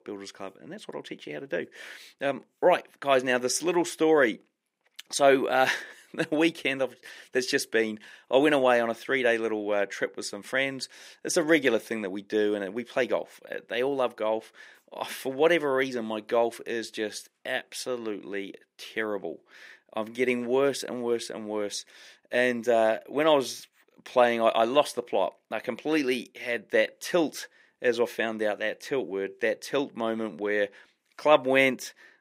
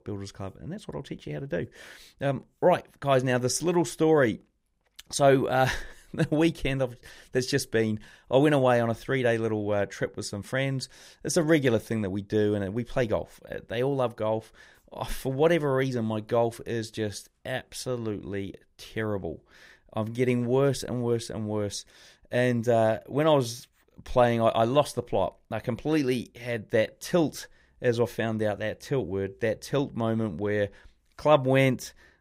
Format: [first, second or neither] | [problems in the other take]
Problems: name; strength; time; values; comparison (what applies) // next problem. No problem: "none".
second | thin; very slightly; fading below 250 Hz